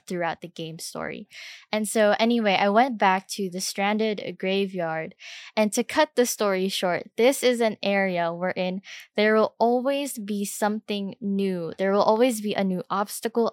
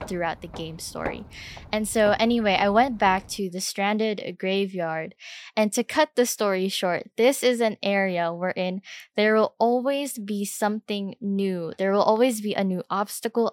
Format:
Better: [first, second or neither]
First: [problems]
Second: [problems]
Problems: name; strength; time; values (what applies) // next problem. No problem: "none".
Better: first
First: none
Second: footsteps; faint; until 3.5 s; peak 10 dB below the speech